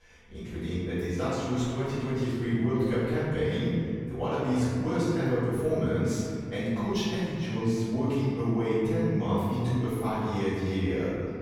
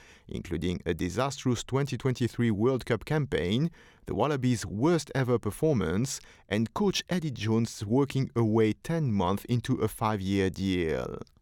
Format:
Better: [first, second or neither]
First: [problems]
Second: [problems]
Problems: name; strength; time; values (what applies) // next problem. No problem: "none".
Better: second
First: off-mic speech; far // room echo; strong; dies away in 2 s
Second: none